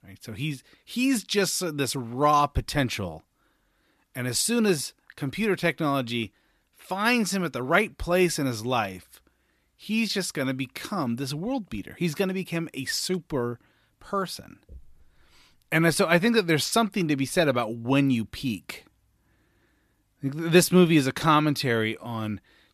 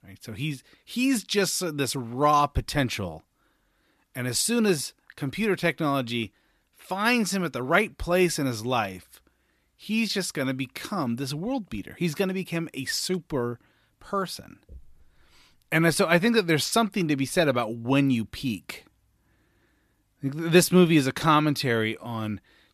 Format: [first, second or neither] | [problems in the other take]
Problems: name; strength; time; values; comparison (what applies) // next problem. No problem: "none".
neither | none